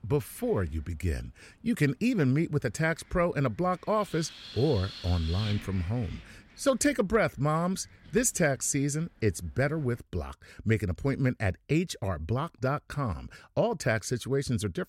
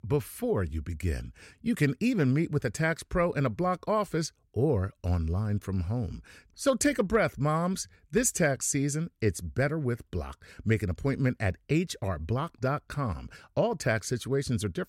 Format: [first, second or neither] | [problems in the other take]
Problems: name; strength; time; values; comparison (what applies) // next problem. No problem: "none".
second | wind noise on the microphone; occasional gusts; until 10 s; 10 dB below the speech